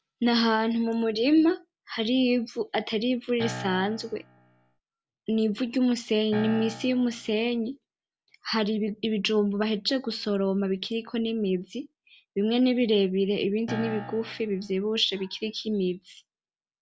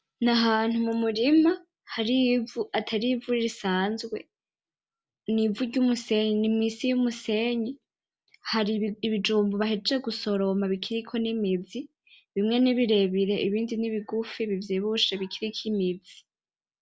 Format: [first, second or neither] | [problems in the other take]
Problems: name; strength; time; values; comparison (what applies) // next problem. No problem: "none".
second | background sound (Piano); 12 dB below the speech